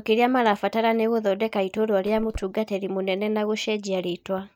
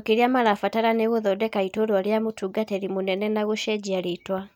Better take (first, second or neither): second